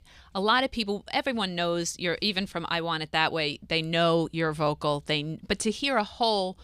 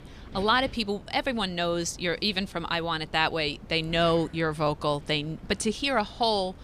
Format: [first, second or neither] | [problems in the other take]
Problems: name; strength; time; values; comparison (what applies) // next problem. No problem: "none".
first | wind noise on the microphone; occasional gusts; 25 dB below the speech